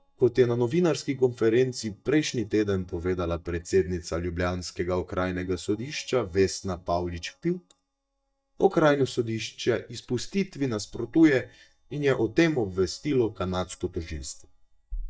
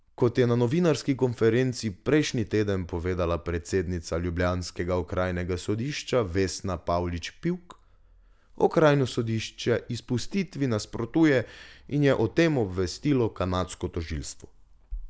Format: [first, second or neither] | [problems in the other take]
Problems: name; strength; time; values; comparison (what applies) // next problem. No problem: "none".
second | noise reduction (neural mask model DeepFilterNet 3)